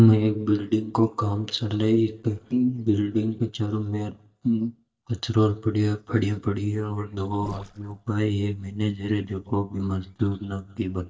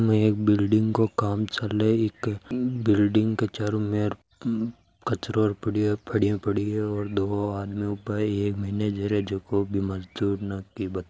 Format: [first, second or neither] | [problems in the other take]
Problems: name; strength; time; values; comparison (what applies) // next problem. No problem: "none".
second | noise reduction (neural mask model DeepFilterNet 3)